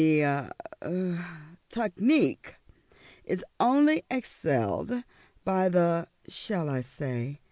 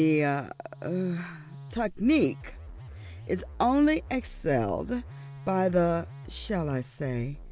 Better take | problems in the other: first | background sound (Musical instrument); 15 dB below the speech

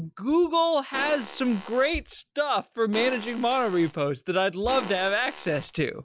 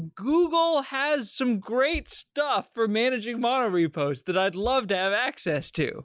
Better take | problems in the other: second | background sound (Fart); 14 dB below the speech

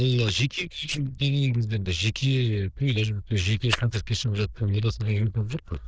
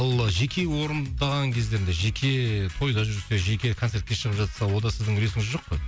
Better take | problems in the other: second | noise reduction (neural diffusion model UNIVERSE++)

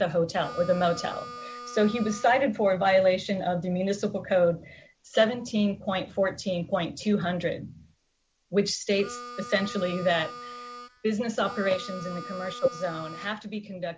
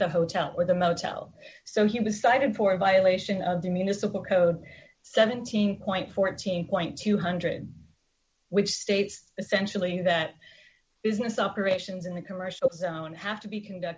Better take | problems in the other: second | background sound (Harmonica); 13 dB below the speech

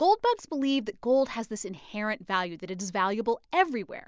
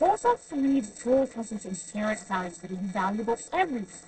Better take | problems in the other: first | noise reduction (neural separator model SepFormer DNS4)

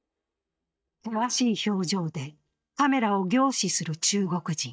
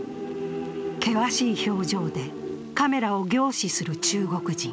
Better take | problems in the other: second | noise reduction (neural mask model DeepFilterNet 3)

